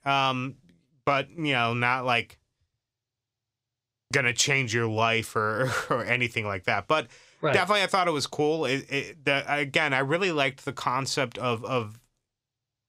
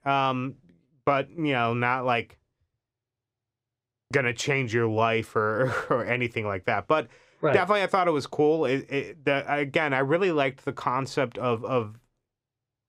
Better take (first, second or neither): first